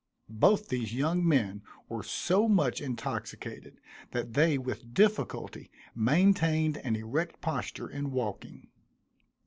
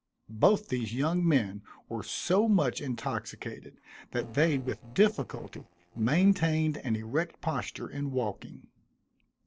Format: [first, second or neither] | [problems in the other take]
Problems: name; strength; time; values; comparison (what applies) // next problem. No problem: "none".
first | noise reduction (neural separator model SepFormer DNS4)